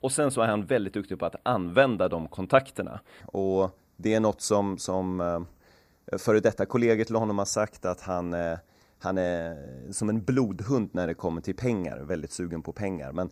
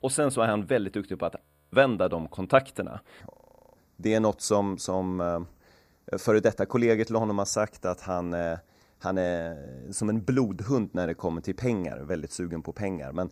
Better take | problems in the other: first | audio freezing; at 1.5 s and at 3.5 s

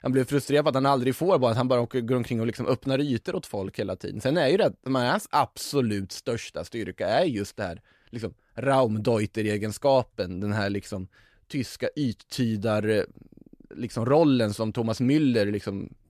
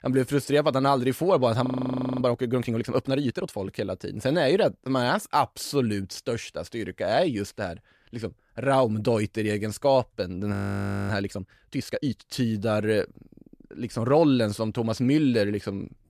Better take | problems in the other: first | audio freezing; at 1.5 s for 0.5 s and at 11 s for 0.5 s

